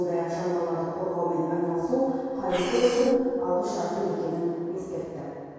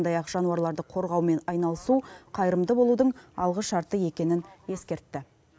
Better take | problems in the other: second | background sound (Breathing); 12 dB below the speech // room echo; dies away in 2.2 s

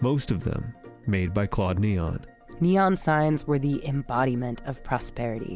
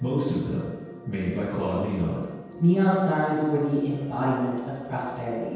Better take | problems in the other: first | room echo; dies away in 1.2 s

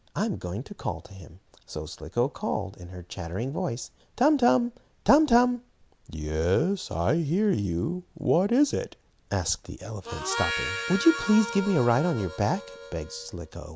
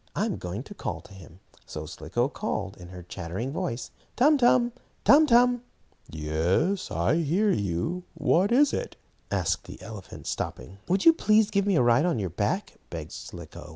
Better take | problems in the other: second | background sound (Harmonica); 8 dB below the speech

